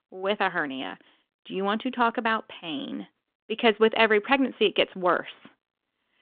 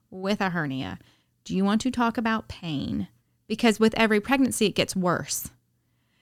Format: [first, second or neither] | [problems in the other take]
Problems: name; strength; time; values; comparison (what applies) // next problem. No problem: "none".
second | phone-call audio